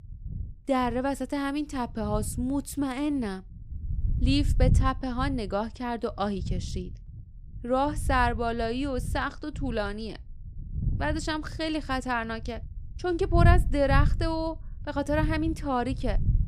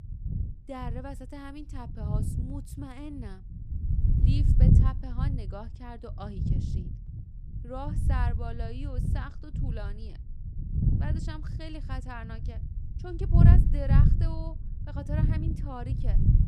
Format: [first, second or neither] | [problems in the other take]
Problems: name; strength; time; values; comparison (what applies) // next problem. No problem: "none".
first | wind noise on the microphone; heavy; 1 dB above the speech; occasional gusts in the first